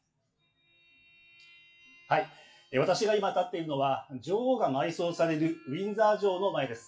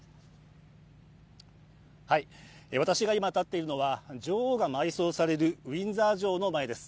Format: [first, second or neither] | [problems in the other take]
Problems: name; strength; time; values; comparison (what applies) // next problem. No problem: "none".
second | noise reduction (classical method WPE with log-MMSE)